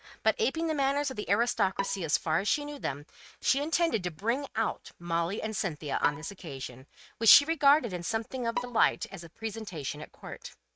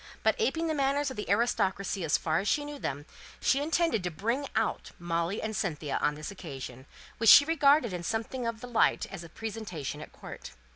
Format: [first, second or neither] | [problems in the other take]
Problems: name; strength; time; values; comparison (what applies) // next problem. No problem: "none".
second | noise reduction (neural mask model RNNoise)